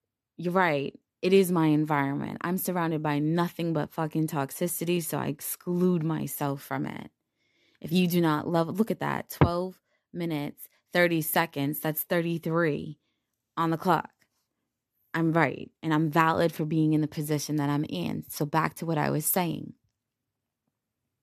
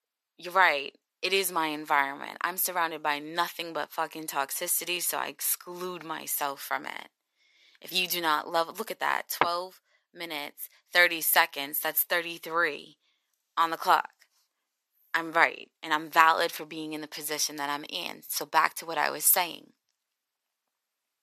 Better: first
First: none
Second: thin; very; fading below 850 Hz

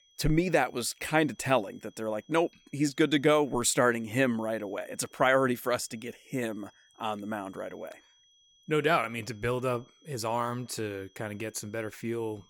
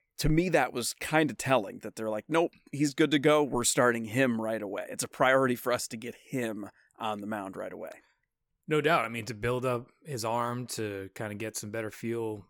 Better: second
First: high-pitched whine; faint; throughout; 3.5 kHz, 30 dB below the speech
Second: none

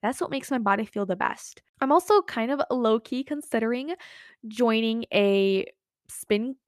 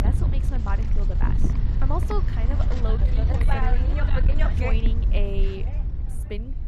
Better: first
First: none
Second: wind noise on the microphone; heavy; 1 dB above the speech

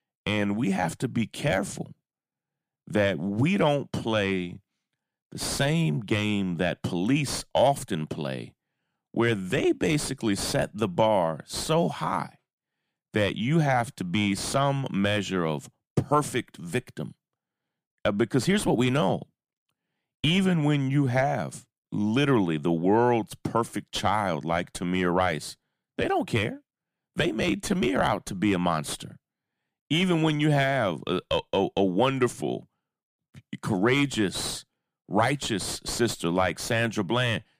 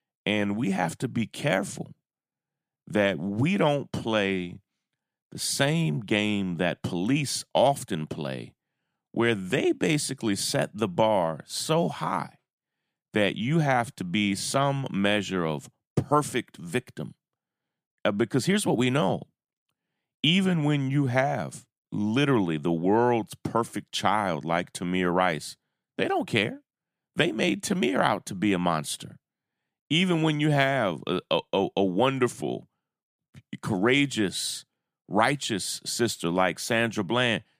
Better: second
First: distortion; slight; 10 dB below the speech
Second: none

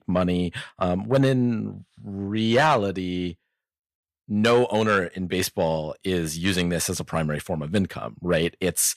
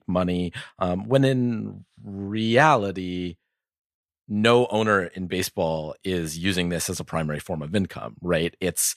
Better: second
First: distortion; slight; 10 dB below the speech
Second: none

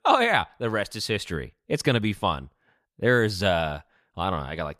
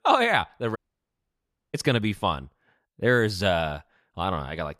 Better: first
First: none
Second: audio cutting out; at 1 s for 1 s

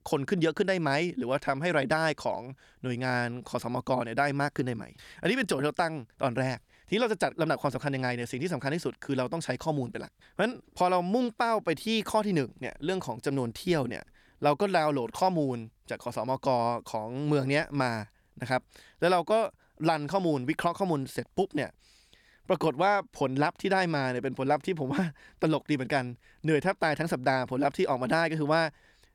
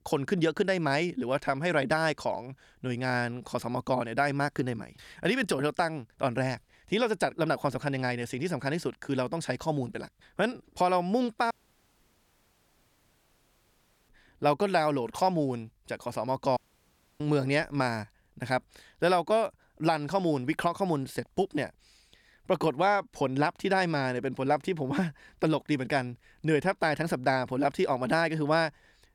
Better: first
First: none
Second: audio cutting out; at 12 s for 2.5 s and at 17 s for 0.5 s

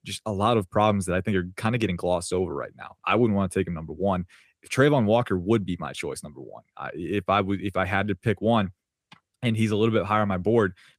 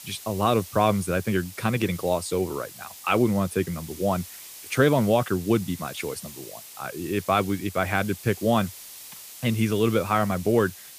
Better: first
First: none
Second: hiss; noticeable; throughout; 15 dB below the speech

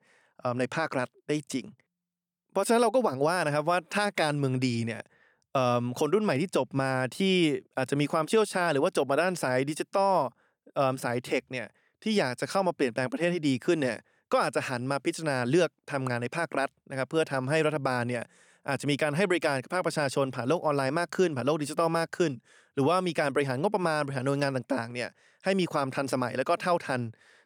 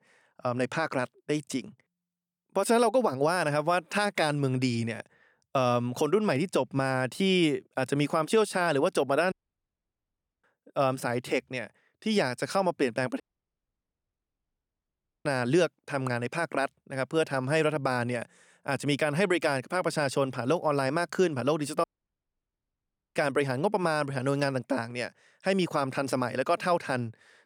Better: first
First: none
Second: audio cutting out; at 9.5 s for 1 s, at 13 s for 2 s and at 22 s for 1.5 s

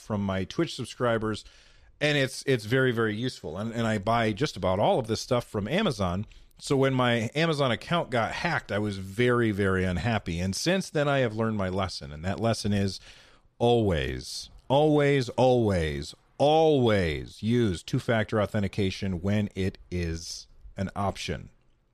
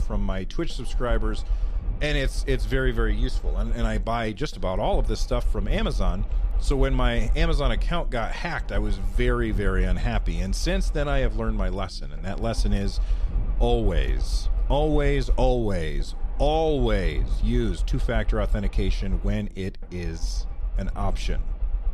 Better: first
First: none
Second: low rumble; noticeable; throughout; 20 dB below the speech

